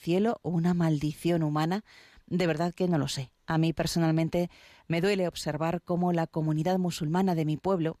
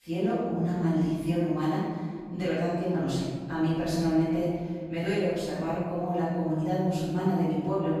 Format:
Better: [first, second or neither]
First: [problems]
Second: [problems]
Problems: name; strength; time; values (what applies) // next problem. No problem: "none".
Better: first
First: none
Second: off-mic speech; far // room echo; strong; dies away in 1.9 s